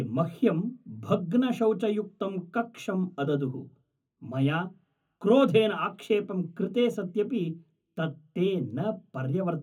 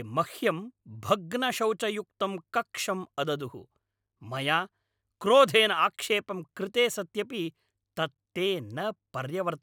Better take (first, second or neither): second